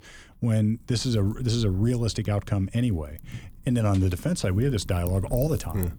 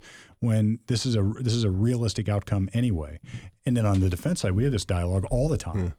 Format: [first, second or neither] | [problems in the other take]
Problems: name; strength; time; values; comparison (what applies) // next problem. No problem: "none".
second | wind noise on the microphone; occasional gusts; 25 dB below the speech